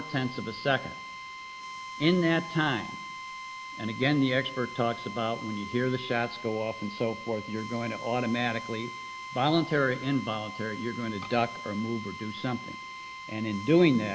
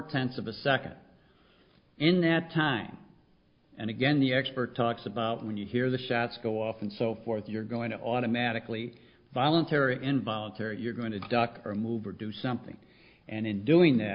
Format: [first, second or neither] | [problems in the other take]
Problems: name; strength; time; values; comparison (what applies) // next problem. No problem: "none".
second | background sound (Drill); 11 dB below the speech